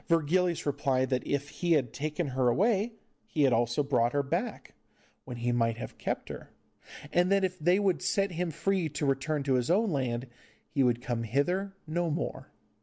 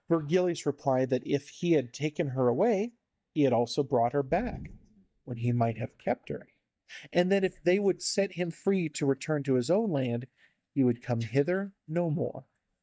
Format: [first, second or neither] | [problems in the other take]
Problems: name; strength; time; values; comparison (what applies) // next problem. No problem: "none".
first | noise reduction (neural mask model DeepFilterNet 3)